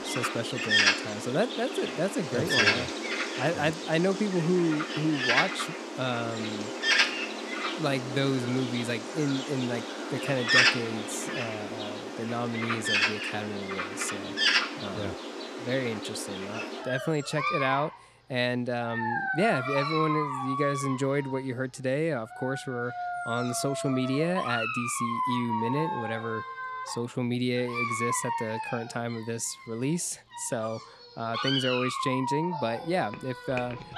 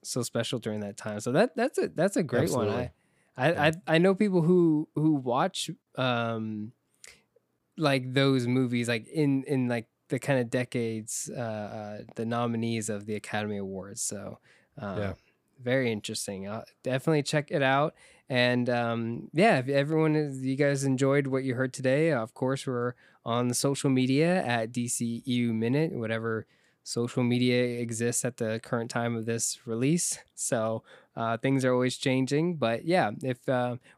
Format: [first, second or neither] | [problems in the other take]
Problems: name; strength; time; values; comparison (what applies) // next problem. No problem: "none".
second | animal sounds; very loud; throughout; 1 dB above the speech